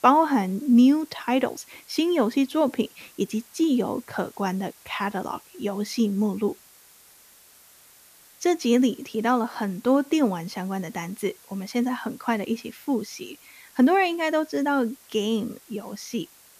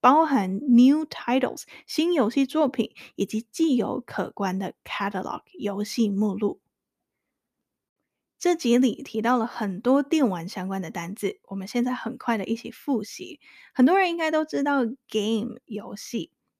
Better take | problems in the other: second | hiss; faint; throughout; 25 dB below the speech

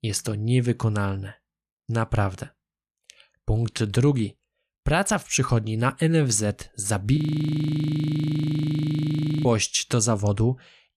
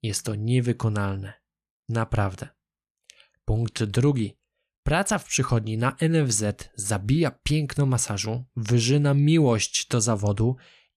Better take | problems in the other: second | audio freezing; at 7 s for 2.5 s

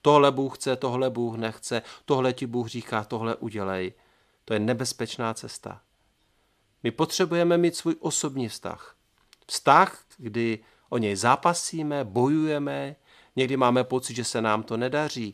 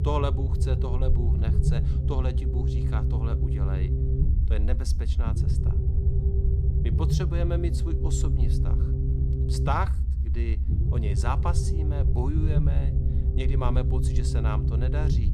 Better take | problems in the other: first | low rumble; loud; throughout; 3 dB below the speech

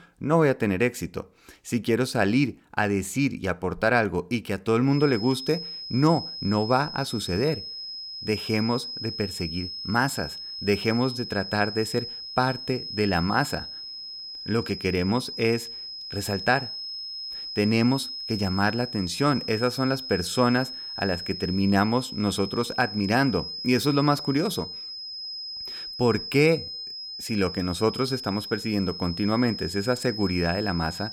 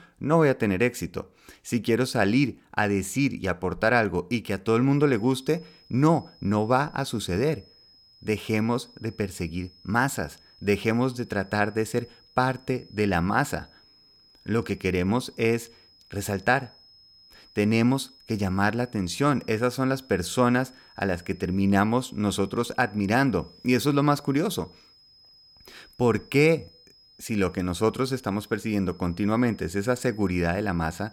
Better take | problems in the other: second | high-pitched whine; loud; from 5 s on; 5 kHz, 8 dB below the speech; faint in the second

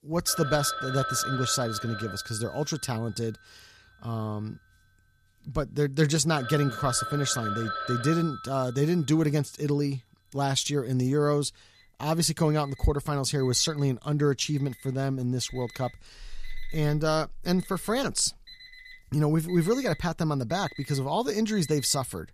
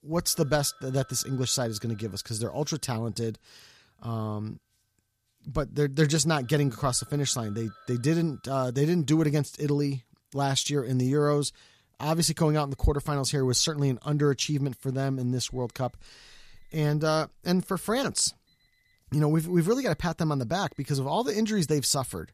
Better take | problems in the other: second | alarms or sirens; loud; throughout; 10 dB below the speech; faint in the second

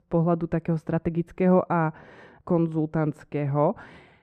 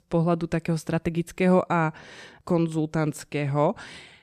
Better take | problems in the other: second | muffled; very; fading above 2.5 kHz

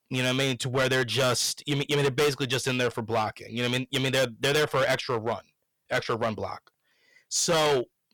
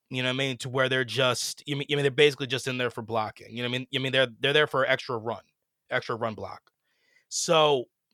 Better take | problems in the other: second | distortion; heavy; 11% of the sound clipped

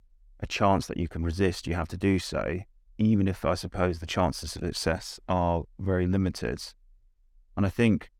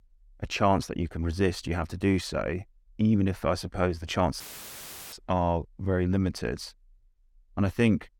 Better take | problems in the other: first | audio cutting out; filled with static; at 4.5 s for 0.5 s

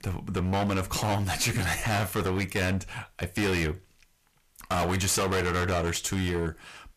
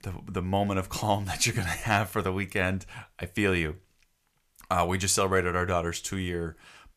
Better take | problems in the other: second | distortion; heavy; 22% of the sound clipped

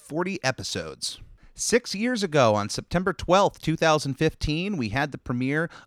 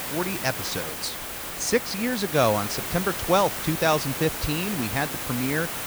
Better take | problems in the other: first | hiss; loud; throughout; 4 dB below the speech

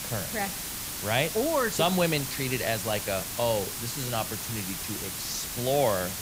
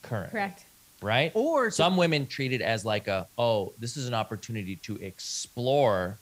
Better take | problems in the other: second | hiss; loud; throughout; 3 dB below the speech; faint in the second

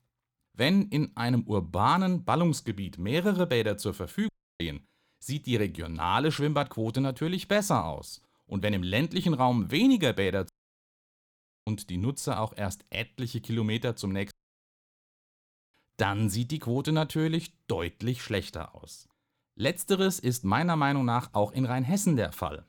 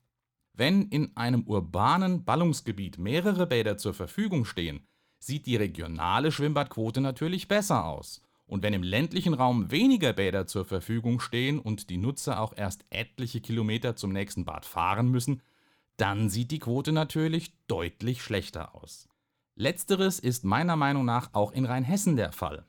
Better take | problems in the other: second | audio cutting out; at 4.5 s, at 10 s for 1 s and at 14 s for 1.5 s

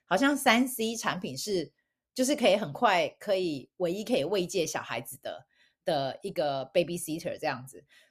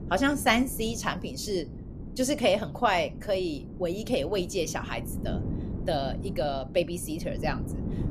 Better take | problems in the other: first | wind noise on the microphone; occasional gusts; 15 dB below the speech

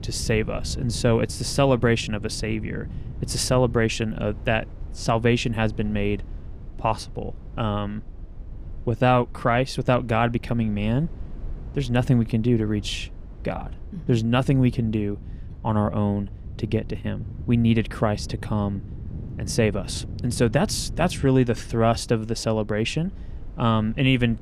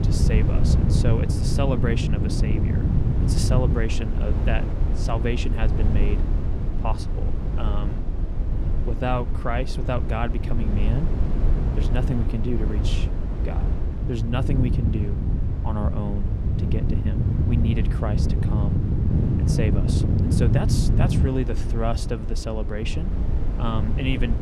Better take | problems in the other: first | low rumble; loud; throughout; 3 dB below the speech; faint in the first

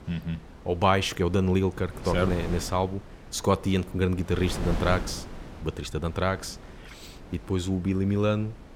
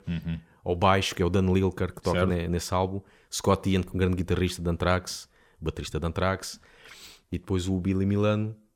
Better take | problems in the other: second | wind noise on the microphone; occasional gusts; 15 dB below the speech

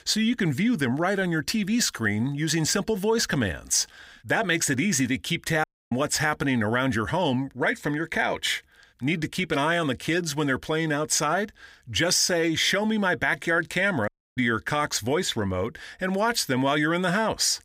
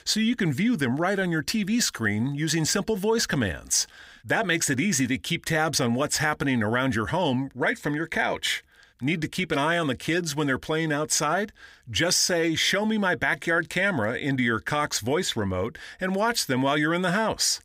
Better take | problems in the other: second | audio cutting out; at 5.5 s and at 14 s

